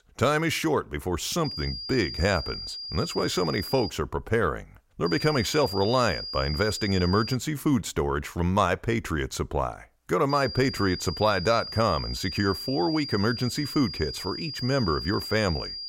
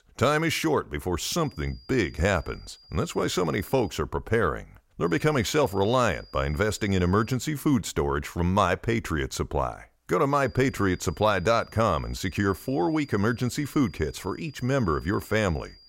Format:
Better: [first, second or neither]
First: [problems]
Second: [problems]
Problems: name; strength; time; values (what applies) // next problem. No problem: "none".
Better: second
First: high-pitched whine; loud; from 1.5 to 4 s, from 5 to 7.5 s and from 10 s on; 5 kHz, 7 dB below the speech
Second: high-pitched whine; faint; from 1.5 to 4 s, from 5 to 7.5 s and from 10 s on; 5 kHz, 25 dB below the speech